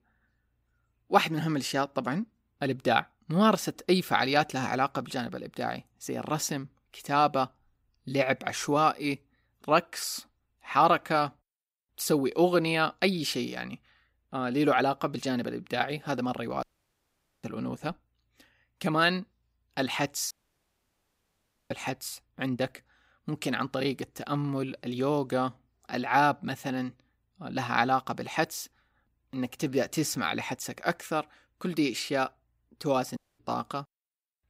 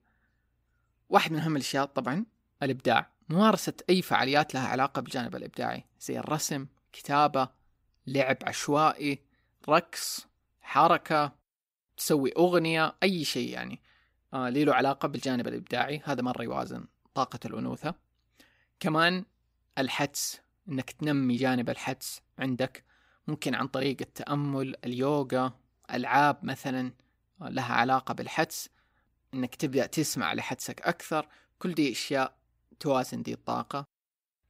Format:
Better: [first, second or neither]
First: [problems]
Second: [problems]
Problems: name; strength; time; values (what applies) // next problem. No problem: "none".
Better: second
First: audio cutting out; at 17 s for 1 s, at 20 s for 1.5 s and at 33 s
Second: none